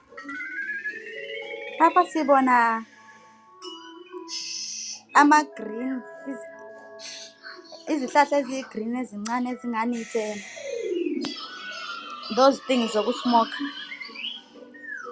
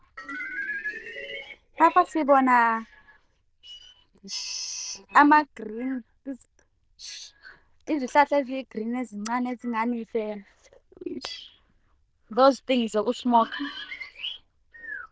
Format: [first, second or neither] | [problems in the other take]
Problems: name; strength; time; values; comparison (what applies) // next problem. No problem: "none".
first | noise reduction (neural diffusion model UNIVERSE++)